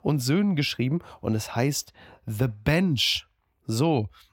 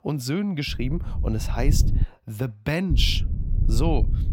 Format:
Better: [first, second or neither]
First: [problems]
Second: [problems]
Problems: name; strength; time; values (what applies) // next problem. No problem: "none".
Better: first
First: none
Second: wind noise on the microphone; occasional gusts; from 0.5 to 2 s and from 3 s on; 10 dB below the speech